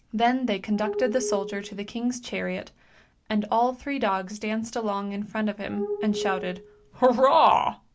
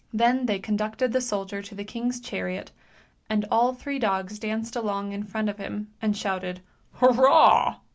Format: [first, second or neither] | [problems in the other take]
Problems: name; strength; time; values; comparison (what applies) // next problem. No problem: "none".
second | background sound (Glass); 8 dB below the speech